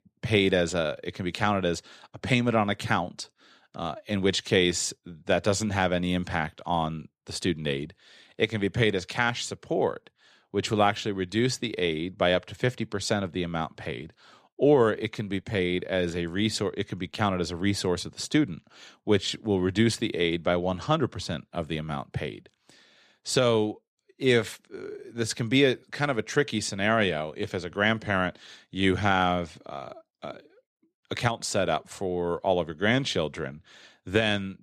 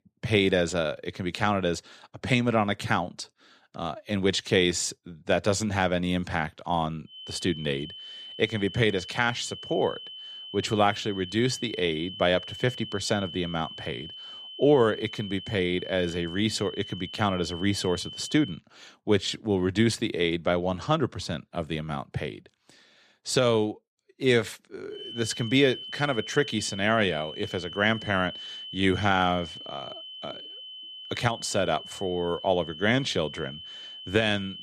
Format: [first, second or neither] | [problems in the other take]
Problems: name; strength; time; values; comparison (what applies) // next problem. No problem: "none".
first | high-pitched whine; noticeable; from 7 to 19 s and from 25 s on; 3 kHz, 10 dB below the speech